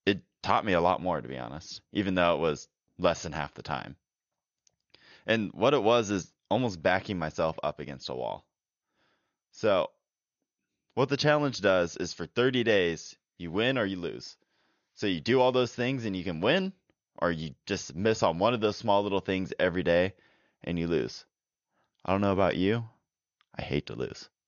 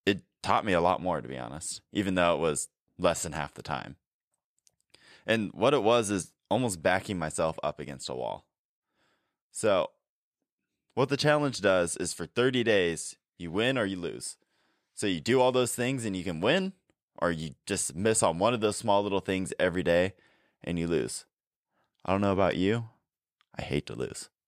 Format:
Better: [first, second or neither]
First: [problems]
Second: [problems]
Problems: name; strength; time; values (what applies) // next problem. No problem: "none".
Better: second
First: garbled, watery; slightly; nothing above 6.5 kHz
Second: none